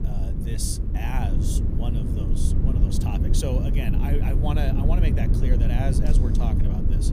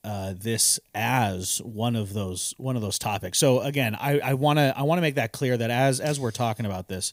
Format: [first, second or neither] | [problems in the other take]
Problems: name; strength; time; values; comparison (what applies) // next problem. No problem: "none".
second | low rumble; loud; throughout; 1 dB below the speech